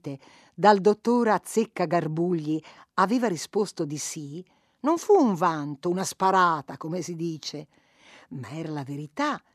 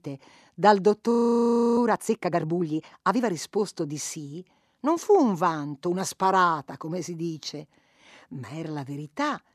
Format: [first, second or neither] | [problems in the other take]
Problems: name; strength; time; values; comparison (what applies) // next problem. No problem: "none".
first | audio freezing; at 1 s for 0.5 s